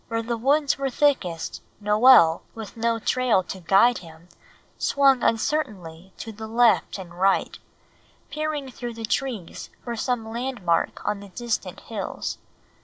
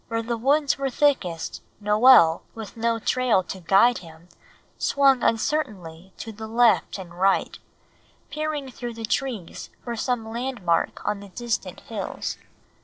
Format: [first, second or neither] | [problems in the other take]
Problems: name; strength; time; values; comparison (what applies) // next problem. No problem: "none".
first | noise reduction (neural separator model SepFormer DNS4)